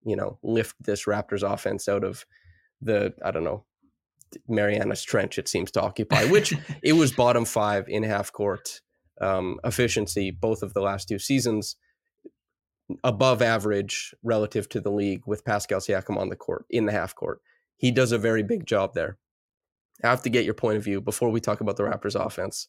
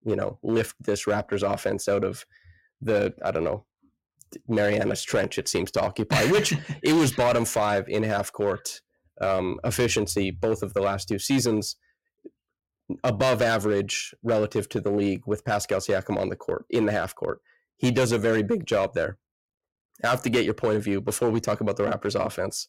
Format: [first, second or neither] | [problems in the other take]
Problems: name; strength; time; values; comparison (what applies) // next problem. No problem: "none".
first | distortion; slight; 5% of the sound clipped